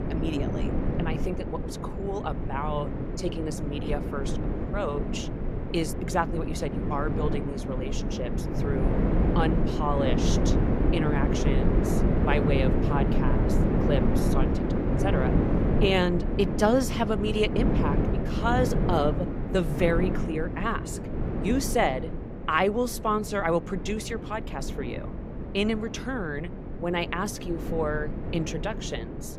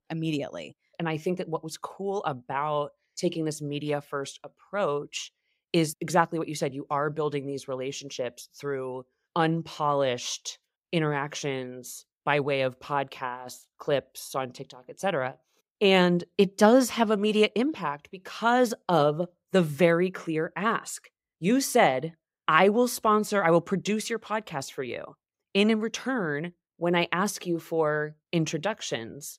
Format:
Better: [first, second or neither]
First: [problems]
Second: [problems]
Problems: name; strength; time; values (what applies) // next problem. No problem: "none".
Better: second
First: wind noise on the microphone; heavy; 4 dB below the speech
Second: none